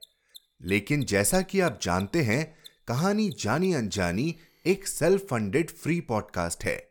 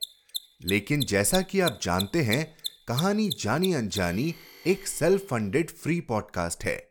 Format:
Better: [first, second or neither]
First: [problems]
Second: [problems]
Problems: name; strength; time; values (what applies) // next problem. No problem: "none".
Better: first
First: machinery noise; faint; until 5.5 s; 25 dB below the speech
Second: machinery noise; loud; until 5.5 s; 9 dB below the speech